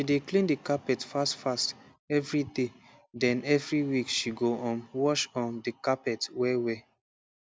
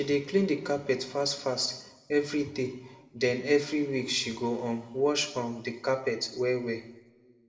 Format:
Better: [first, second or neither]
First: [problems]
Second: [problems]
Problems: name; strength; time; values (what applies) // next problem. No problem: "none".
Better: first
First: none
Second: room echo; dies away in 0.7 s